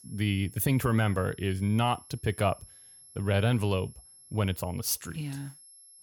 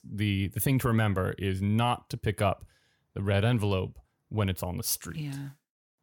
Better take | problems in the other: second | high-pitched whine; faint; throughout; 11 kHz, 20 dB below the speech

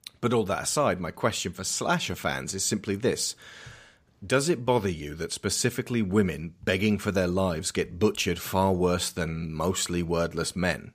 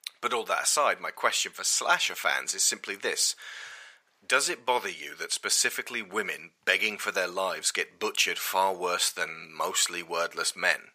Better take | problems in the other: first | thin; very; fading below 800 Hz

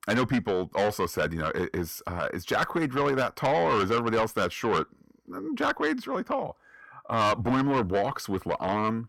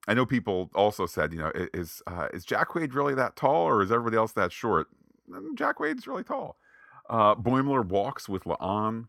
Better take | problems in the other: second | distortion; heavy; 7 dB below the speech

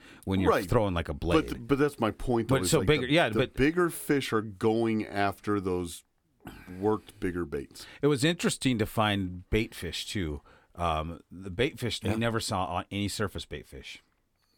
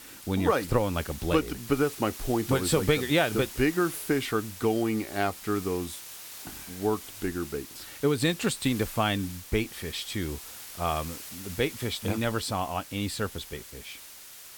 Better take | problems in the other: first | hiss; noticeable; throughout; 10 dB below the speech

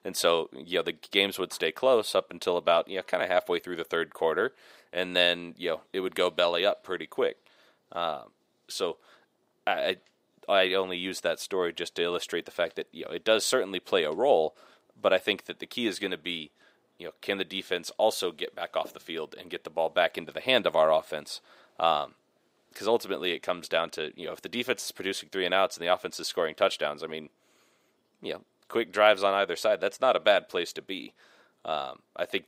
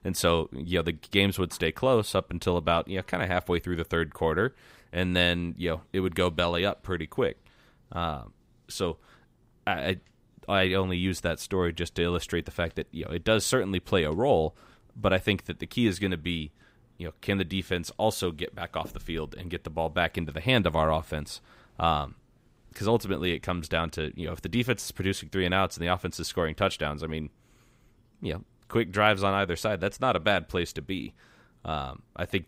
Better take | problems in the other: second | thin; somewhat; fading below 400 Hz

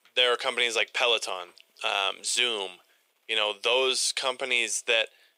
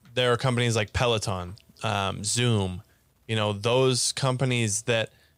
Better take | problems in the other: second | thin; very; fading below 400 Hz

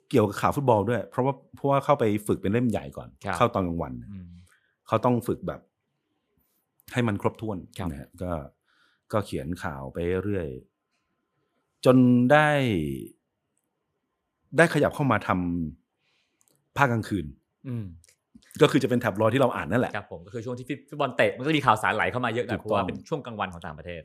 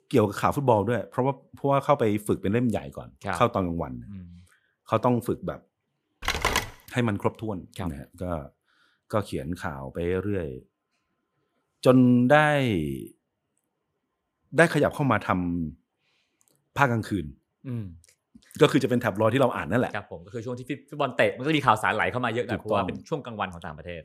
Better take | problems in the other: first | phone ringing; loud; at 6 s; peak 1 dB above the speech

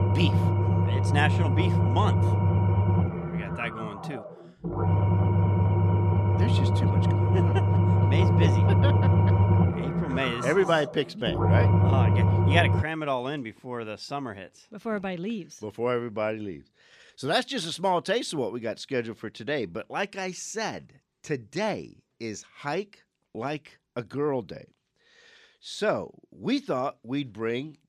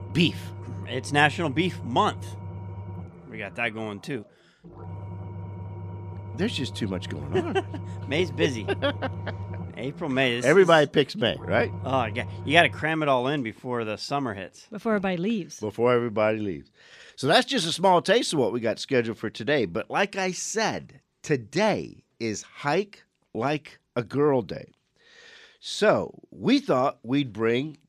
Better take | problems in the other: second | low rumble; loud; until 13 s; 1 dB below the speech; faint in the second

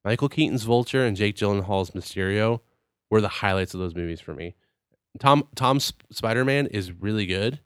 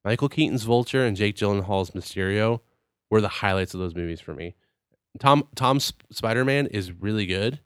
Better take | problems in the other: neither | none

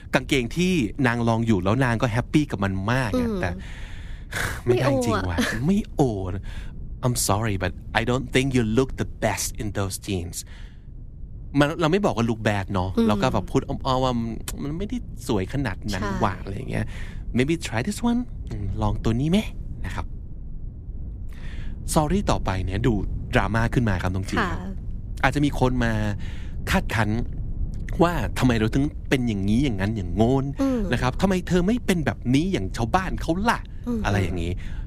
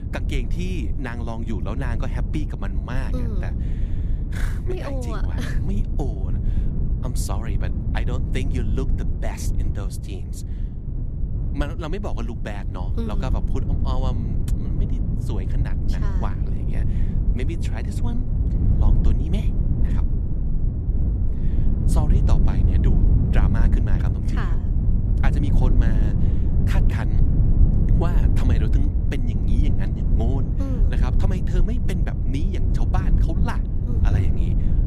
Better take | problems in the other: first | low rumble; loud; throughout; 2 dB below the speech; faint in the first

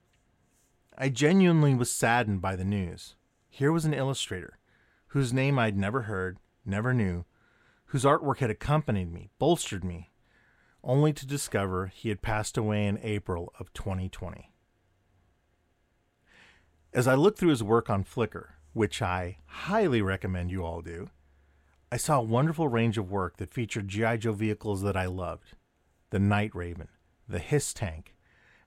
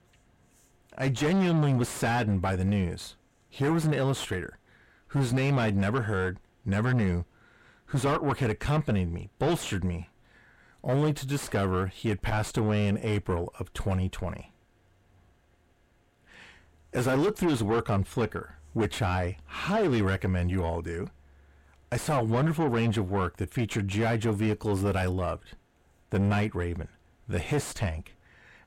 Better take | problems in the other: first | distortion; heavy; 6 dB below the speech

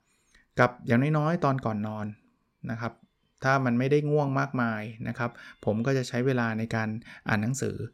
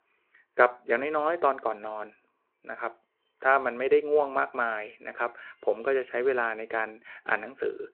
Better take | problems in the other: first | phone-call audio

